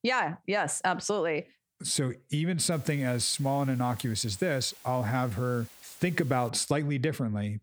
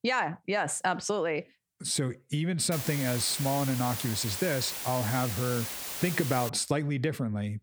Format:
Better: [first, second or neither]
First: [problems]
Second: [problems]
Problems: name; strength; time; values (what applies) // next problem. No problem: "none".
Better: first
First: hiss; faint; from 2.5 to 6.5 s; 20 dB below the speech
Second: hiss; loud; from 2.5 to 6.5 s; 5 dB below the speech